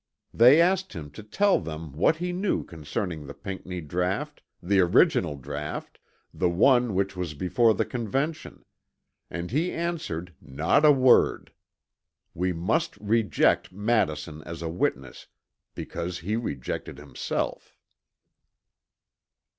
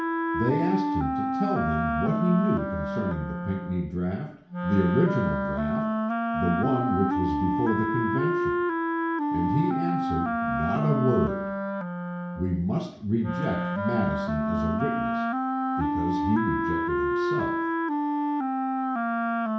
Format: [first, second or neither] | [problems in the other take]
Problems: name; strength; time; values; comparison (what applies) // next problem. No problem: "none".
first | background sound (Wind instrument, woodwind instrument); 2 dB above the speech // room echo; dies away in 0.6 s